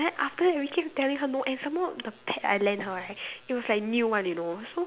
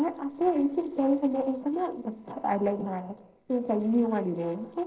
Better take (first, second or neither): first